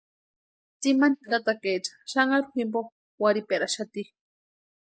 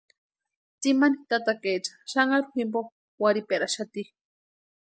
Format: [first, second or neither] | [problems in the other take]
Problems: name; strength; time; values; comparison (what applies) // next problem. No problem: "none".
second | noise reduction (neural mask model Resemble Enhance denoiser)